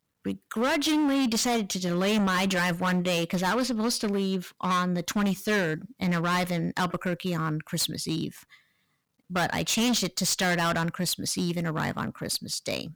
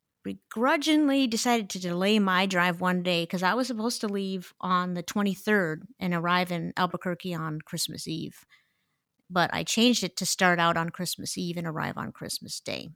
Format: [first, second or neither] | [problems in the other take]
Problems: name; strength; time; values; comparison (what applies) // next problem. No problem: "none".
second | distortion; heavy; 15% of the sound clipped